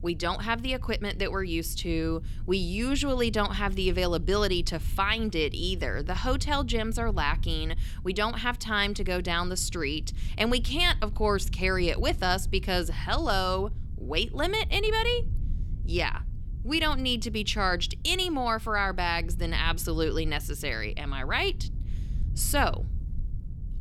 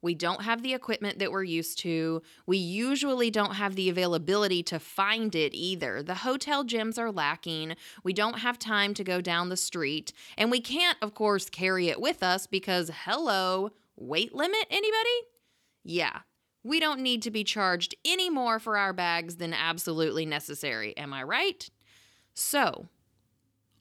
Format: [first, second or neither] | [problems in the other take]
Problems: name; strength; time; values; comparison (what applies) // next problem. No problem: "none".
second | low rumble; faint; throughout; 25 dB below the speech